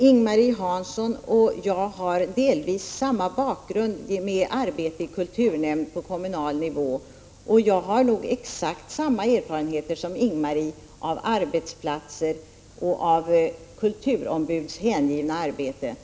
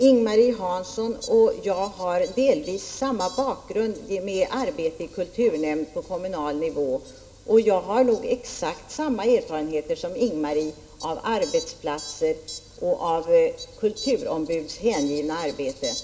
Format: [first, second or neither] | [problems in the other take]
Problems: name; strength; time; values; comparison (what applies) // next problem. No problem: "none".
first | background sound (Fowl); 20 dB below the speech // room echo; dies away in 0.3 s